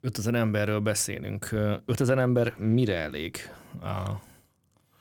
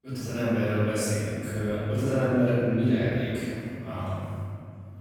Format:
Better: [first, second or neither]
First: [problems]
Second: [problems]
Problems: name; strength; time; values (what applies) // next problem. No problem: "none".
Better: first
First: none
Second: off-mic speech; far // room echo; strong; dies away in 2.3 s